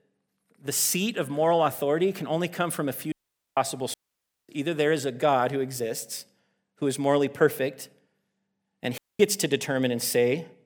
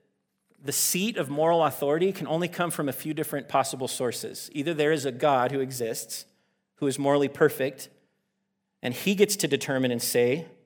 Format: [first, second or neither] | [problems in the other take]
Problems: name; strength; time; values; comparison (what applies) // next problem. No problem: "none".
second | audio cutting out; at 3 s, at 4 s for 0.5 s and at 9 s